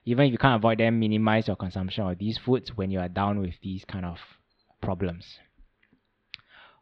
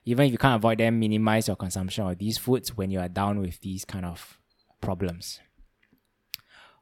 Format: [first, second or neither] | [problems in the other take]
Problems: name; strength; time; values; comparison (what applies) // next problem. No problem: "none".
second | muffled; slightly; fading above 4 kHz